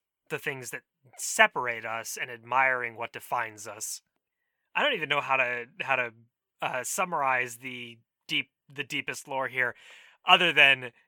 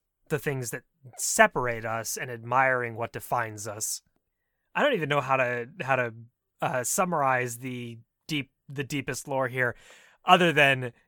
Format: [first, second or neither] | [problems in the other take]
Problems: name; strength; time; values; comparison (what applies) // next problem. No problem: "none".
second | thin; very slightly; fading below 250 Hz